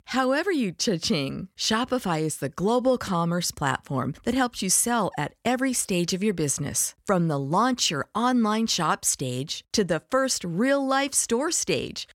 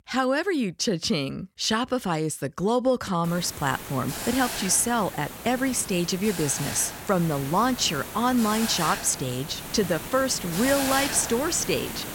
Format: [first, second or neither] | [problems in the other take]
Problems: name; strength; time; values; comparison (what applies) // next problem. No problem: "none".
first | hiss; loud; from 3 s on; 8 dB below the speech